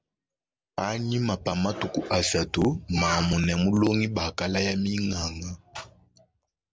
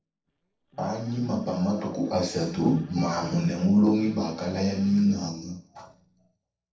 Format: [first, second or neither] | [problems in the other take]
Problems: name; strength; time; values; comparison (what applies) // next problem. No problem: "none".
first | noise reduction (neural separator model SepFormer DNS4)